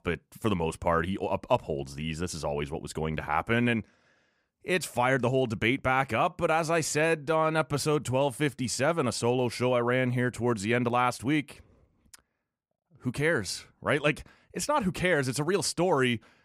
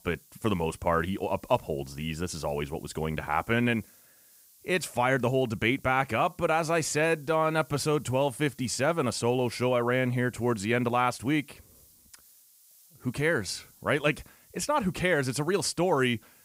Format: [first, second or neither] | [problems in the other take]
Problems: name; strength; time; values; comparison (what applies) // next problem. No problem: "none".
first | hiss; faint; throughout; 25 dB below the speech